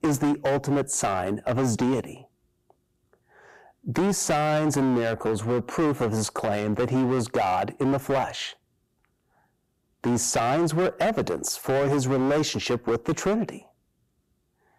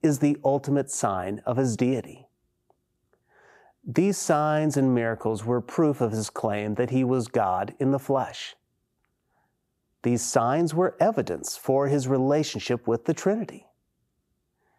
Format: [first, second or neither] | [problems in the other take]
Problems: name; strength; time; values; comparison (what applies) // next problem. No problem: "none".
second | distortion; heavy; 14% of the sound clipped